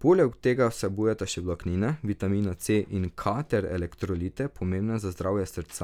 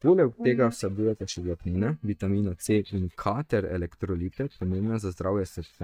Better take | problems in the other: first | noise reduction (neural mask model DeepFilterNet 3)

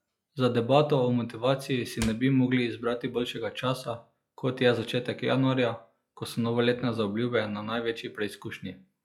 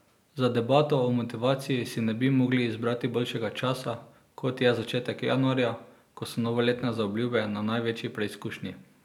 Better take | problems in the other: second | noise reduction (classical method log-MMSE)

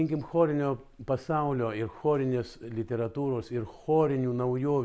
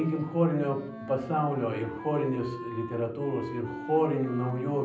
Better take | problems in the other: first | background sound (Wind instrument, woodwind instrument); 12 dB below the speech // room echo; dies away in 0.6 s

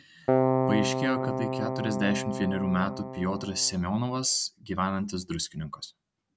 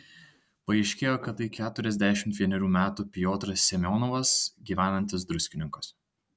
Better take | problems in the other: second | background sound (Keyboard (musical)); 1 dB above the speech

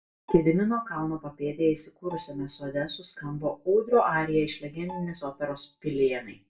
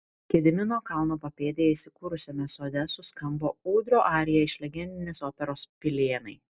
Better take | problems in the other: second | background sound (Bowed string instrument); 20 dB below the speech // room echo; dies away in 0.2 s

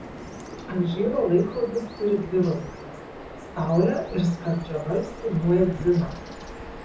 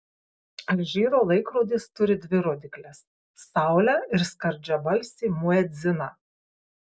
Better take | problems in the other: second | background sound (Bird vocalization, bird call, bird song); 13 dB below the speech // room echo; dies away in 0.5 s

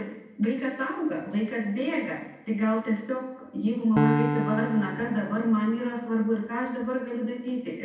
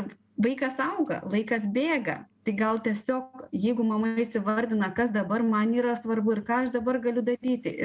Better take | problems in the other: second | background sound (Piano); 3 dB below the speech // room echo; dies away in 0.9 s

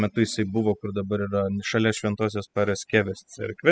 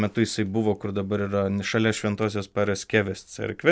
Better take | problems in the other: second | noise reduction (classical method spectral subtraction)

